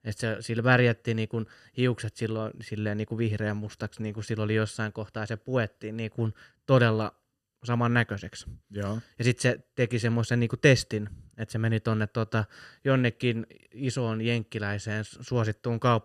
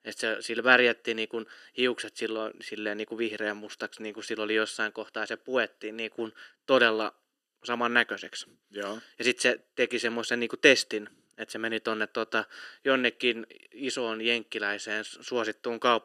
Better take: first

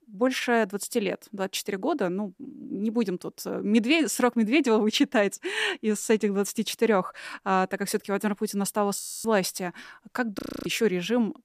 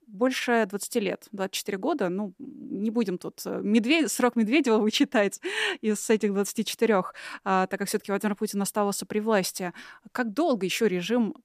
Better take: second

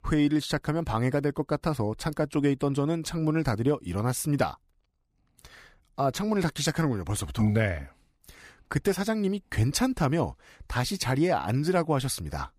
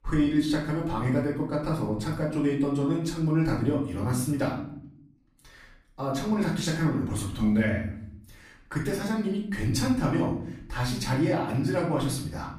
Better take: first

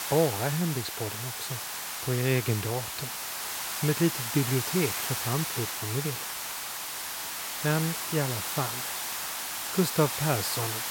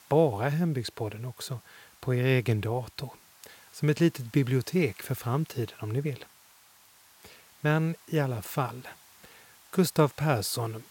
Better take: second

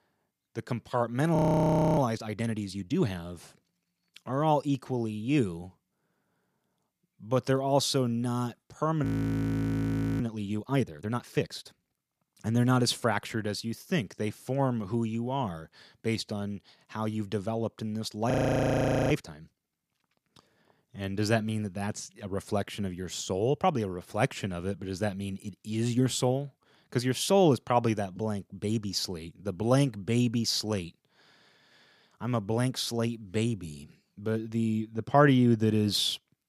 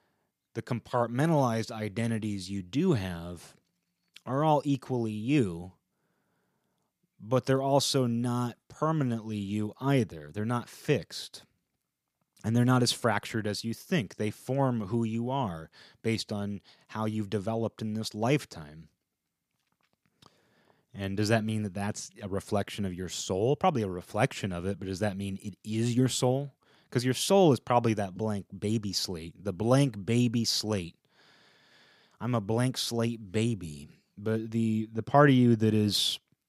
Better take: second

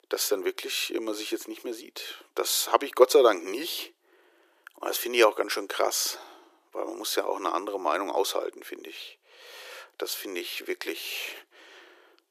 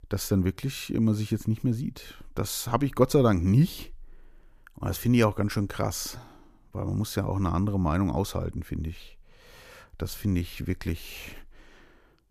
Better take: second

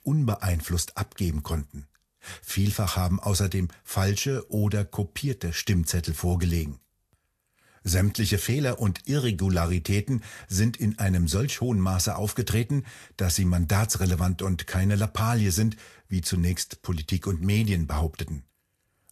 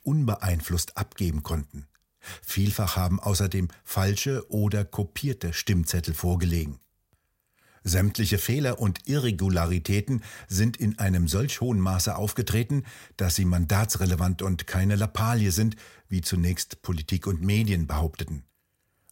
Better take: second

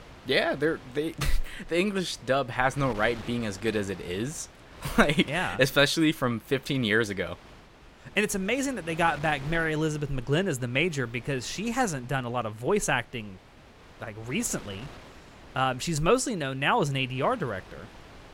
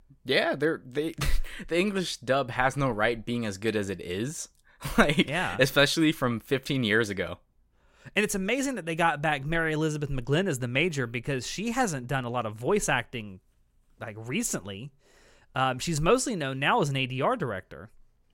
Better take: second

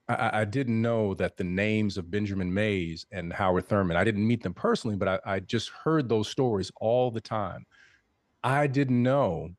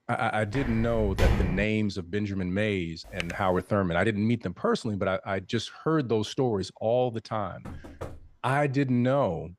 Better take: first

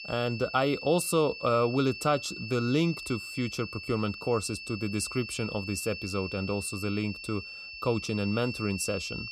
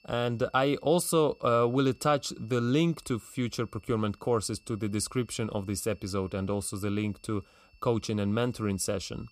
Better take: second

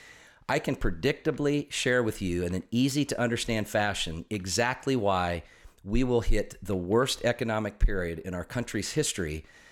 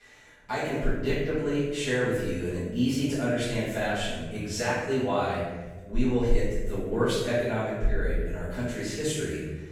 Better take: first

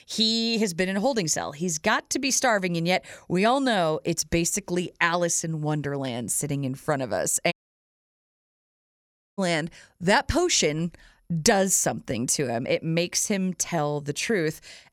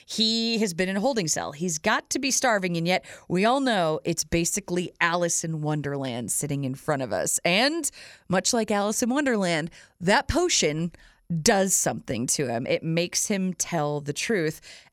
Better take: second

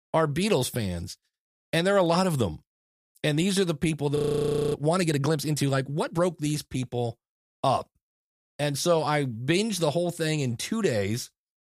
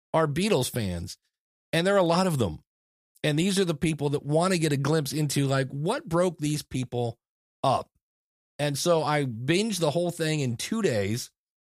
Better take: second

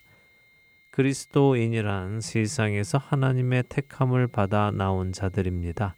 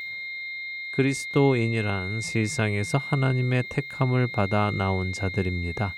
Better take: first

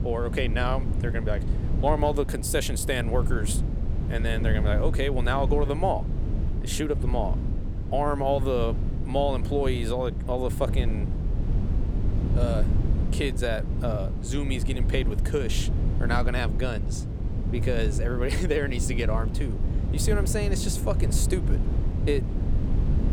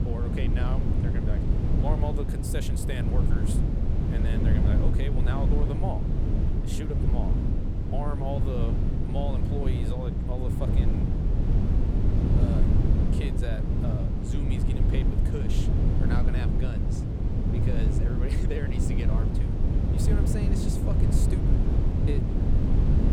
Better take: first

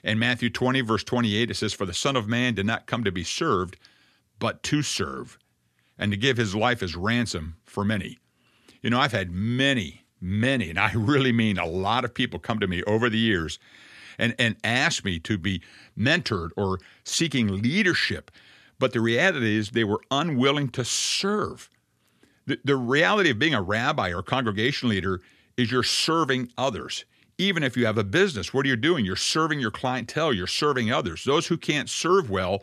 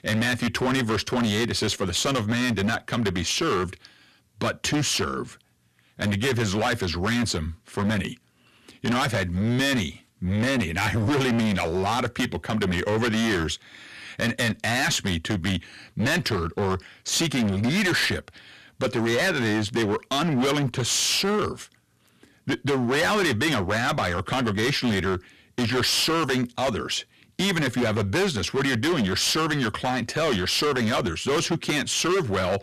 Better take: first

